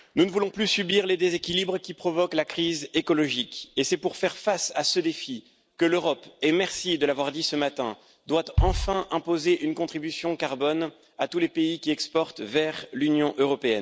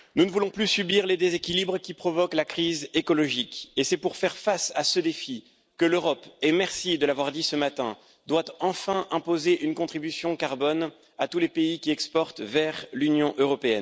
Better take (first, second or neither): second